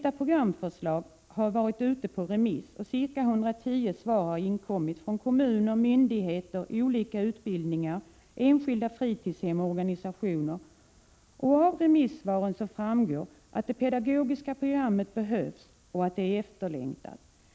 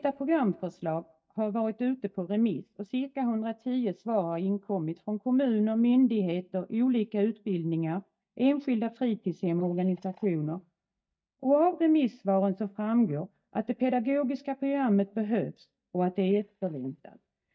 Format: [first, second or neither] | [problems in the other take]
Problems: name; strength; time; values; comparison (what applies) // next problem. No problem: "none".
first | noise reduction (neural mask model DeepFilterNet 3)